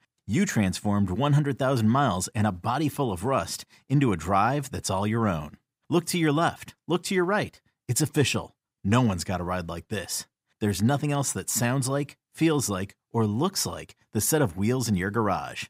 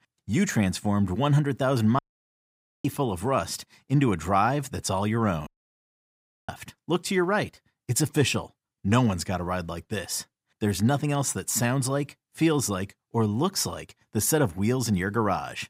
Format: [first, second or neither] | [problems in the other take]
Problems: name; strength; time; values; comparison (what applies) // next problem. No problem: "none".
first | audio cutting out; at 2 s for 1 s and at 5.5 s for 1 s